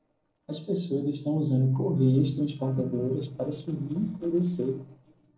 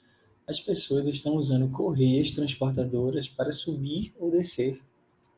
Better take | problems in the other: second | noise reduction (neural separator model SepFormer DNS4)

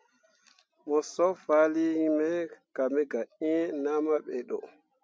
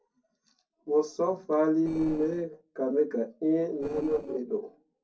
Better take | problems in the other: first | noise reduction (neural separator model SepFormer DNS4)

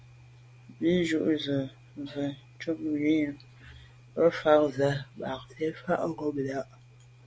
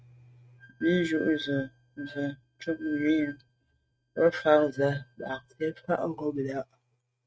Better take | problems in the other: first | noise reduction (neural mask model RNNoise)

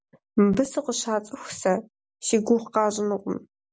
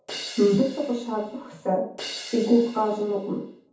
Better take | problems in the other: first | background sound (Crash cymbal); 15 dB below the speech // room echo; dies away in 0.6 s

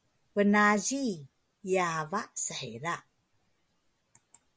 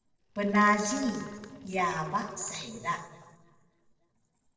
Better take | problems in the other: first | noise reduction (neural separator model SepFormer DNS4)

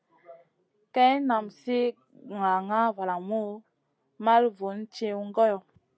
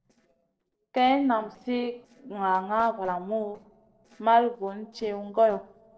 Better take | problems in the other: first | noise reduction (neural separator model SepFormer DNS4)

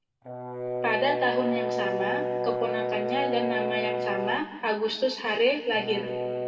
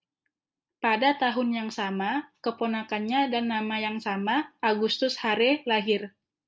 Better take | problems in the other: second | background sound (Brass instrument); 2 dB below the speech // room echo; dies away in 2 s

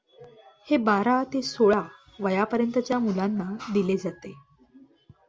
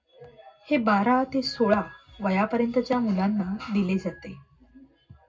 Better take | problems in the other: first | room echo; dies away in 0.3 s

